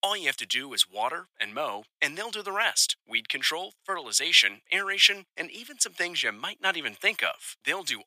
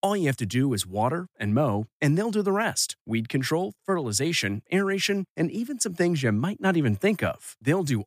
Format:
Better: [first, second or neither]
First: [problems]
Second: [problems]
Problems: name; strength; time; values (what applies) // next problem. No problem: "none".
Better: second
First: thin; very; fading below 850 Hz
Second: none